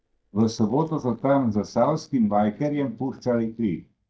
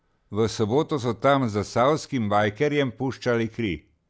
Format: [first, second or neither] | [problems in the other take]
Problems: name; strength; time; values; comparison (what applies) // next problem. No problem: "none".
second | noise reduction (neural mask model DeepFilterNet 3)